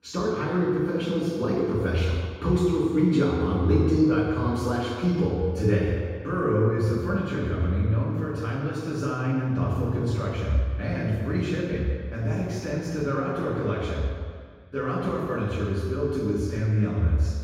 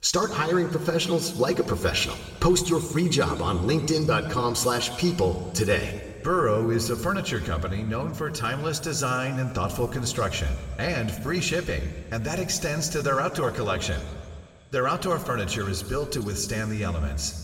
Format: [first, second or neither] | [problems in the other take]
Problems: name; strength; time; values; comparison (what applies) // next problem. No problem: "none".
second | room echo; strong; dies away in 1.8 s; slight in the second // off-mic speech; far